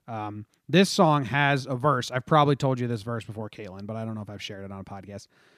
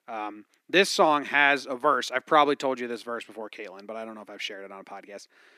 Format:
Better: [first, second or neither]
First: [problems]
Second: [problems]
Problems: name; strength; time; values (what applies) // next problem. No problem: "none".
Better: first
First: none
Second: thin; somewhat; fading below 300 Hz